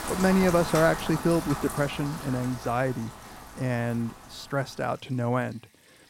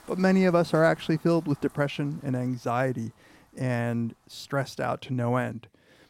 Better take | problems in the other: second | rain or running water; loud; throughout; 9 dB below the speech; faint in the second

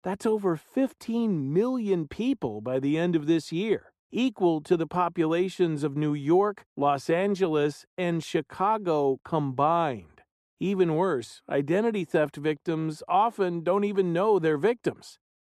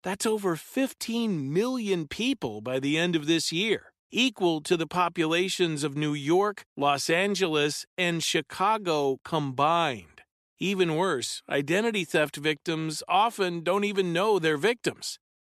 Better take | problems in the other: second | muffled; slightly; fading above 1.5 kHz

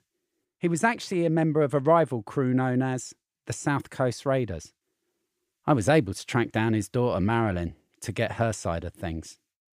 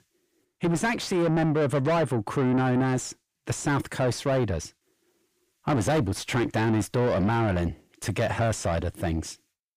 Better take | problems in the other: first | distortion; heavy; 6 dB below the speech

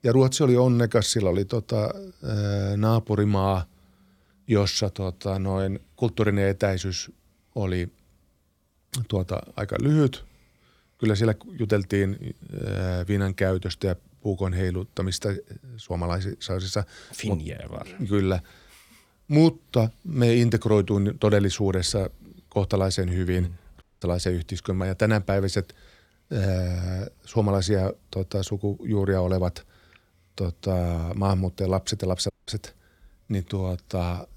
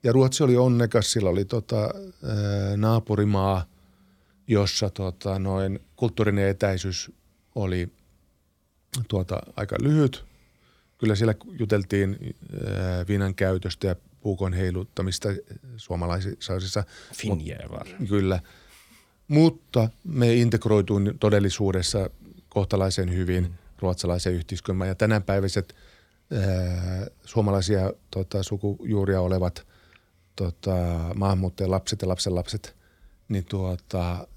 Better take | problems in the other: second | audio cutting out; at 24 s and at 32 s

